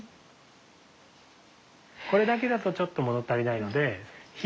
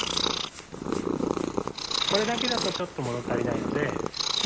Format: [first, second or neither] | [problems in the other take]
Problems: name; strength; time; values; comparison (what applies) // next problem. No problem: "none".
first | background sound (Purr); 4 dB above the speech